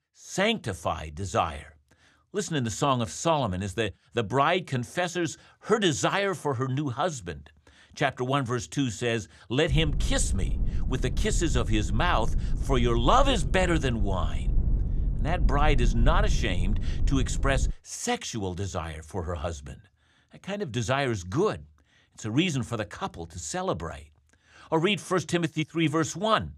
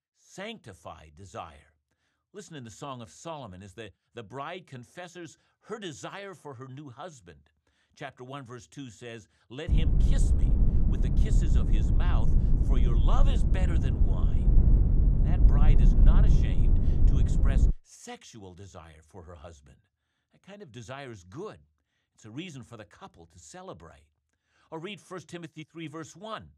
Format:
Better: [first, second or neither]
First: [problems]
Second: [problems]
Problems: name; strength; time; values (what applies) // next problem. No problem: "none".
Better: first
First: wind noise on the microphone; occasional gusts; from 9.5 to 18 s; 15 dB below the speech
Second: wind noise on the microphone; heavy; from 9.5 to 18 s; 2 dB above the speech